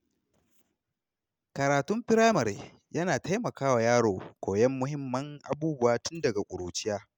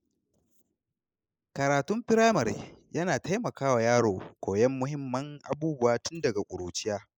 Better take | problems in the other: first | noise reduction (neural mask model Resemble Enhance denoiser)

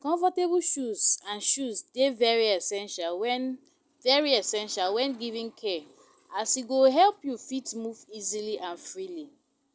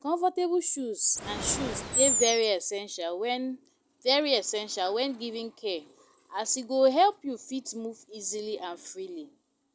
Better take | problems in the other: first | background sound (Animal); 1 dB above the speech

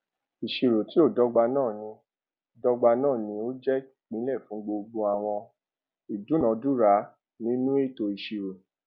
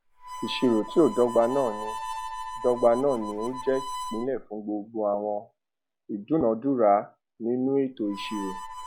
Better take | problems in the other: first | background sound (Harmonica); 12 dB below the speech

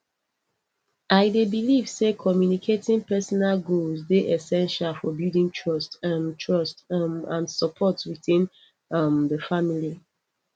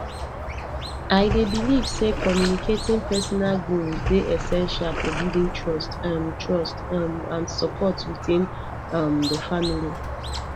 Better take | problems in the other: first | background sound (Squeak + Splash, splatter); 5 dB below the speech

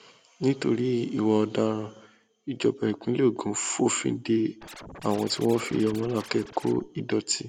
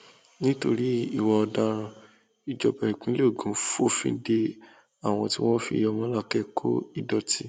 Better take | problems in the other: second | background sound (Scratching (performance technique)); 18 dB below the speech

